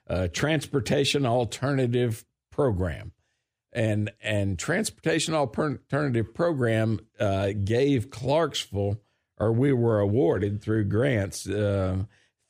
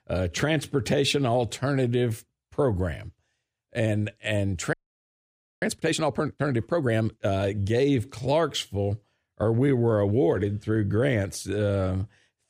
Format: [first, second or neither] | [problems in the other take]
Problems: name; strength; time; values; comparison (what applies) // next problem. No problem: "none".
first | audio freezing; at 4.5 s for 1 s